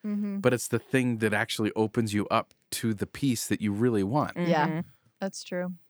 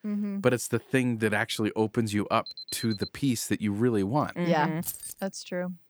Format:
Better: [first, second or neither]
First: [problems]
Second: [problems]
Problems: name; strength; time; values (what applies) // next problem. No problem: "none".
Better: first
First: none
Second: alarm; faint; at 2.5 s; peak 10 dB below the speech // jangling keys; noticeable; at 5 s; peak 7 dB below the speech